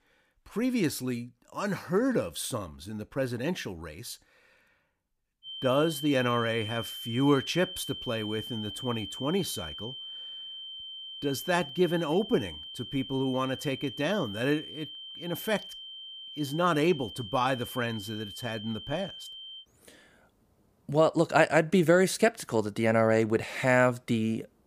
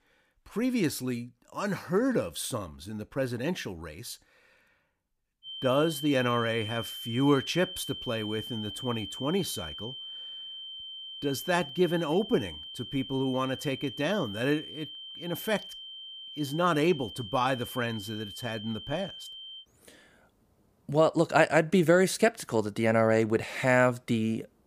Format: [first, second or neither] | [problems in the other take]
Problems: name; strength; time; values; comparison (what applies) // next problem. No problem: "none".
neither | high-pitched whine; noticeable; from 5.5 to 20 s; 3 kHz, 10 dB below the speech; the same in both